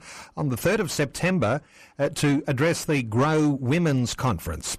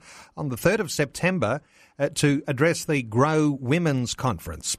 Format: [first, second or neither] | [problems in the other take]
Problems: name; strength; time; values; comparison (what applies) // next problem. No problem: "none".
second | distortion; slight; 10 dB below the speech